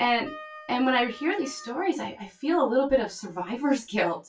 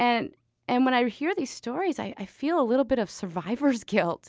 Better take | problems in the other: second | noise reduction (classical method WPE with log-MMSE)

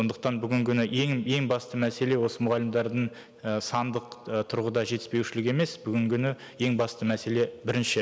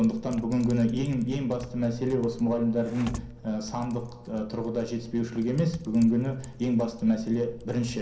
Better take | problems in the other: first | background sound (Typing); 17 dB below the speech // room echo; dies away in 0.6 s

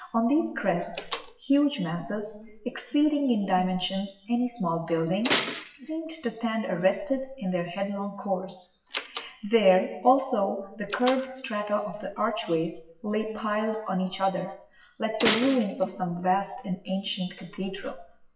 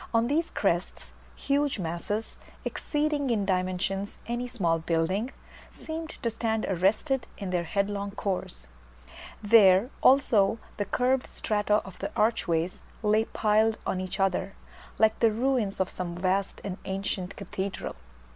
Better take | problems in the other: second | noise reduction (classical method WPE with log-MMSE)

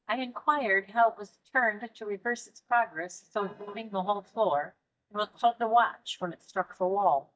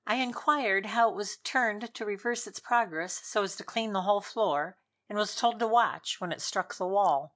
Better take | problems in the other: second | noise reduction (neural mask model DeepFilterNet 3)

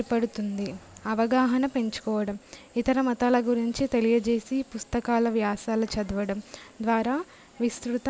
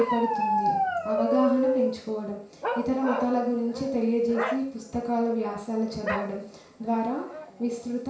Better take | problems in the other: first | background sound (Bark); 3 dB below the speech // room echo; dies away in 0.6 s

